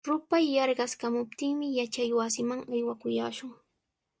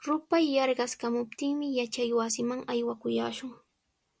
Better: second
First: noise reduction (neural mask model DeepFilterNet 3)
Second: none

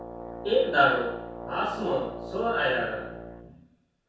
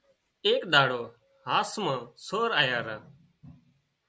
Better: second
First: background sound (Brass instrument); 11 dB below the speech // room echo; dies away in 0.7 s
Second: none

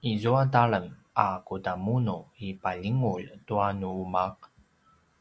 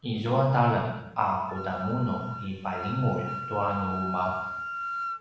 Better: first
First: none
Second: background sound (Wind instrument, woodwind instrument); 9 dB below the speech // room echo; dies away in 0.9 s

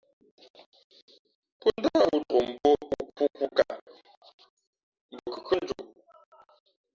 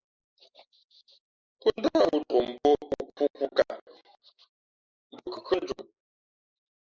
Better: first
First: none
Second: noise reduction (neural mask model Resemble Enhance denoiser)

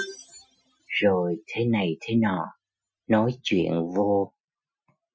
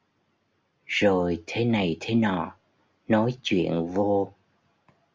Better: second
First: noise reduction (classical method Wiener filter)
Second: none

